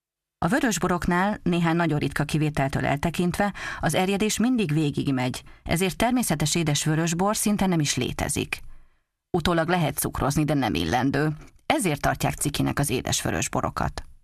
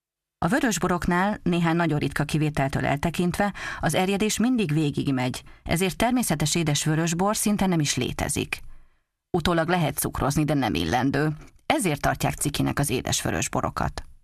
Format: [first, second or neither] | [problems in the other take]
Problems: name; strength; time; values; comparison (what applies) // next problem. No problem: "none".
neither | none